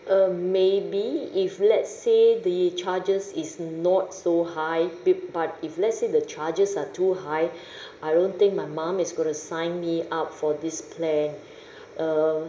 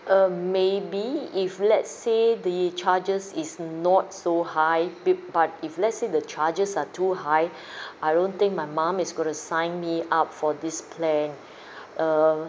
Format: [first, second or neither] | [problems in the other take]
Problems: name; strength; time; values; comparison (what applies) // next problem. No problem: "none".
second | room echo; dies away in 0.9 s